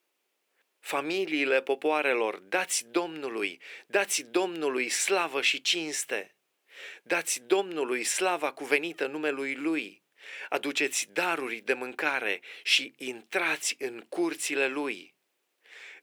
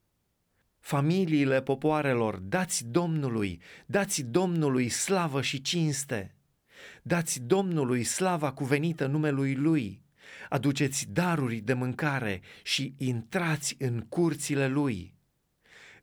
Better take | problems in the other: second | thin; somewhat; fading below 350 Hz

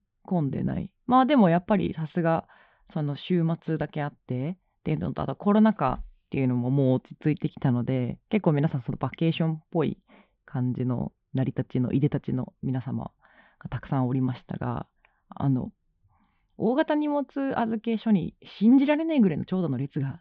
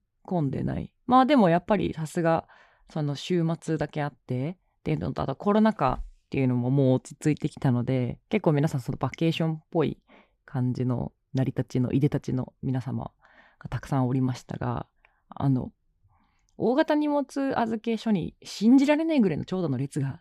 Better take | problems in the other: second | muffled; very; fading above 3.5 kHz

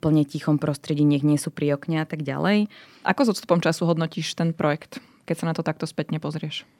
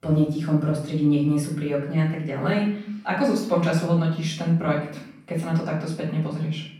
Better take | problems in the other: first | off-mic speech; far // room echo; noticeable; dies away in 0.6 s

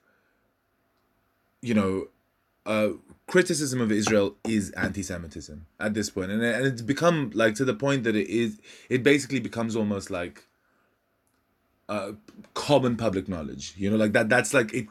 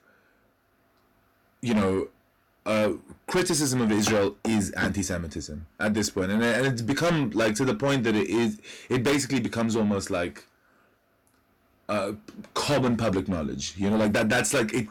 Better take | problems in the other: first | distortion; heavy; 6 dB below the speech

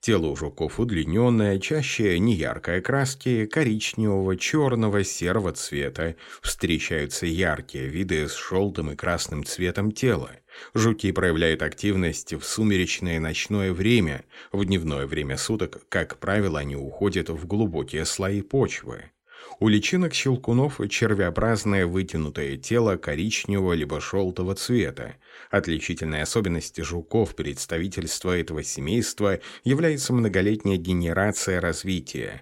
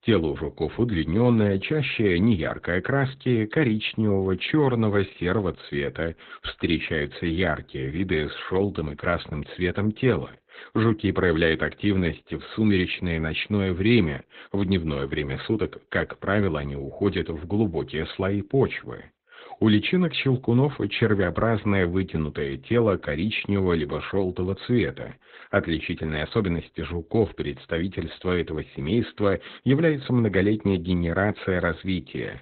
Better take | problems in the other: first | garbled, watery; badly; nothing above 4 kHz

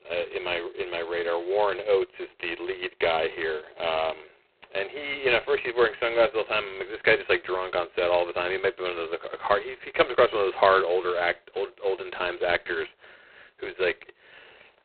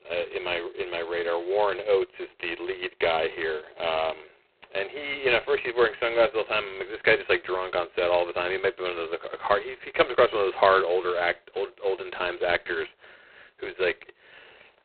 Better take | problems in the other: neither | phone-call audio; poor line; nothing above 4 kHz; the same in both

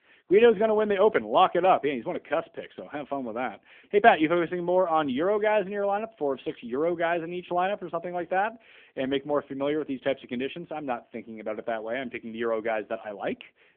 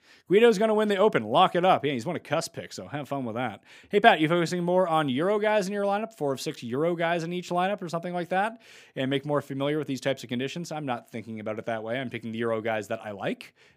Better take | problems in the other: second | phone-call audio; nothing above 3.5 kHz

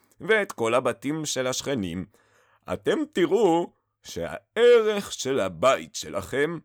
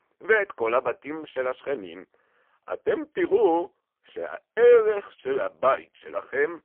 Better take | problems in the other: first | phone-call audio; poor line; nothing above 3 kHz

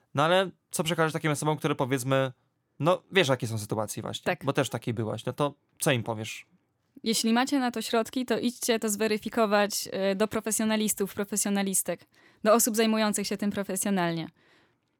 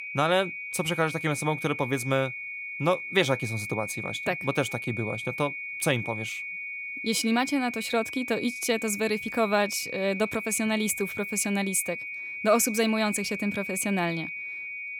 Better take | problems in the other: first | high-pitched whine; loud; throughout; 2 kHz, 6 dB below the speech

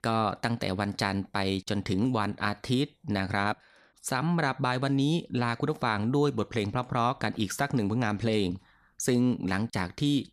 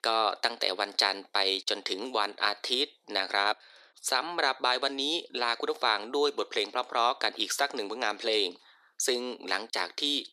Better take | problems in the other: first | thin; very; fading below 350 Hz

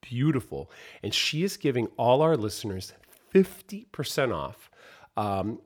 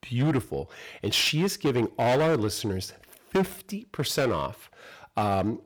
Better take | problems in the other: first | distortion; heavy; 9% of the sound clipped

